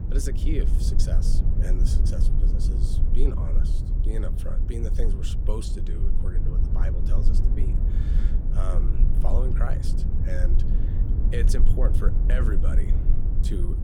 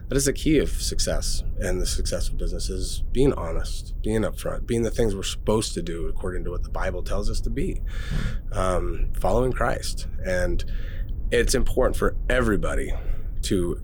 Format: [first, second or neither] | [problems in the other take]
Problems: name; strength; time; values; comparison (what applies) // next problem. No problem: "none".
second | low rumble; loud; throughout; 3 dB below the speech; faint in the second